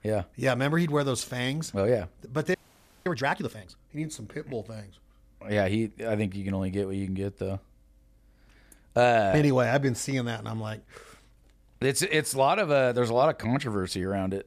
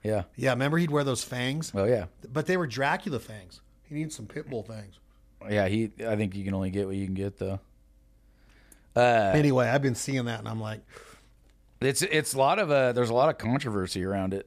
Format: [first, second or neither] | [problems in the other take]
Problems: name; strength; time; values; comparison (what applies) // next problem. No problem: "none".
second | audio freezing; at 2.5 s for 0.5 s